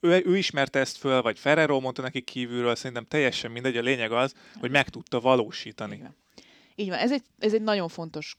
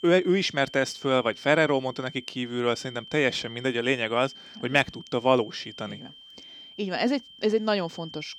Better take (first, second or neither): first